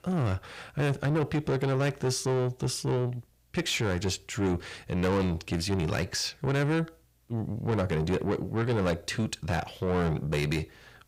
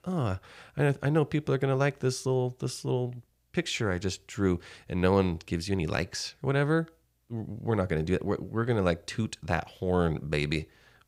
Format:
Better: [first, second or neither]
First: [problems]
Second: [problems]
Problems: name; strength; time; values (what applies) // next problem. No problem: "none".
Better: second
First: distortion; heavy; 8 dB below the speech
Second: none